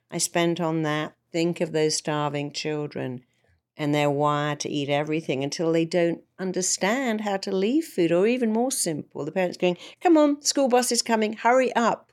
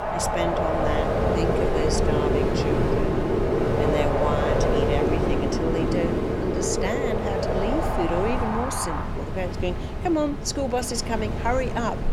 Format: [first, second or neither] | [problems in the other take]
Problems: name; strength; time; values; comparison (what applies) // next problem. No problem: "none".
first | wind in the background; very loud; throughout; 4 dB above the speech